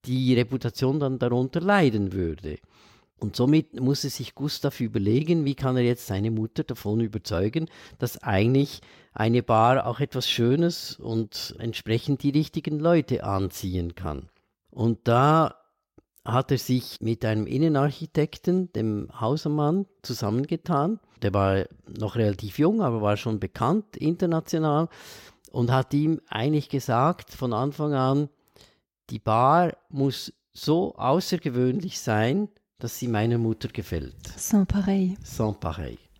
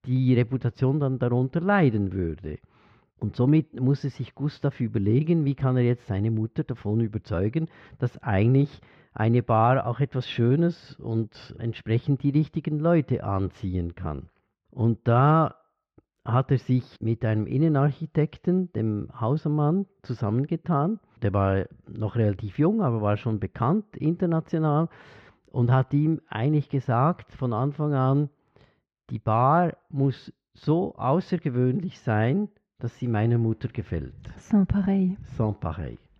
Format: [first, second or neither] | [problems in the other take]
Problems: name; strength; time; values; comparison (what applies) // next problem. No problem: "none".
first | muffled; very; fading above 2 kHz